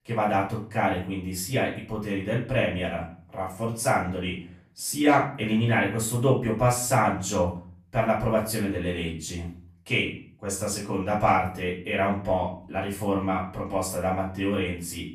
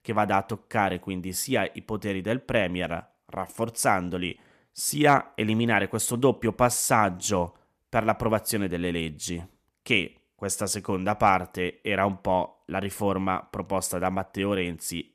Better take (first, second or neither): second